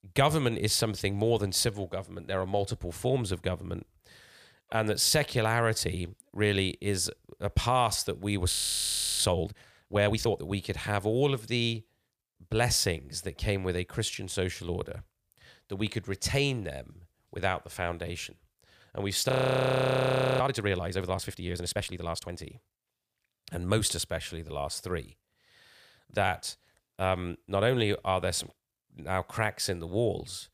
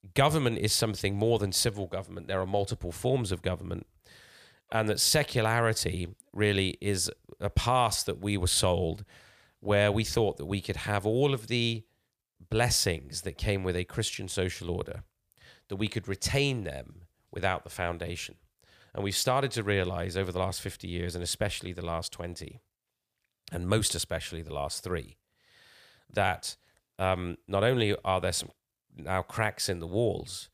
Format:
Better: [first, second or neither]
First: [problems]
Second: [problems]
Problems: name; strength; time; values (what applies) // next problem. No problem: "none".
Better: second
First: audio freezing; at 8.5 s for 0.5 s and at 19 s for 1 s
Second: none